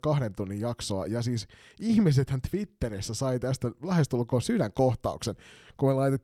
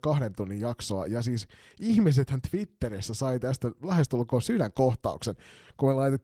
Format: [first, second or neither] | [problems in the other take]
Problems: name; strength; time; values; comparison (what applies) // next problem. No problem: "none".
first | garbled, watery; slightly